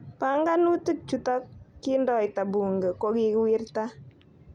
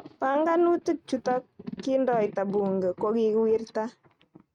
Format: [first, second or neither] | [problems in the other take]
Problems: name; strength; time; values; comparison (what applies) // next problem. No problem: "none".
first | noise reduction (neural mask model RNNoise)